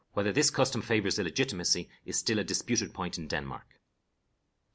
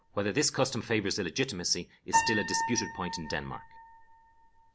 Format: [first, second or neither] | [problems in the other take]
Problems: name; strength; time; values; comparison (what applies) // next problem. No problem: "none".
first | background sound (Piano); 4 dB below the speech